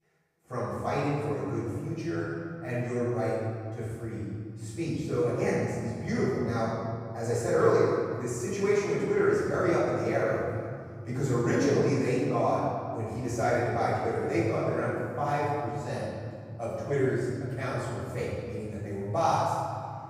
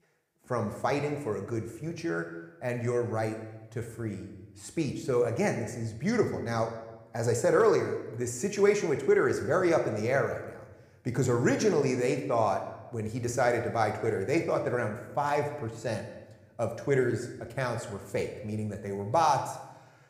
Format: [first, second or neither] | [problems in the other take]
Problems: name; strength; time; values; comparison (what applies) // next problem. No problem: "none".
second | room echo; strong; dies away in 2.2 s; slight in the second // off-mic speech; far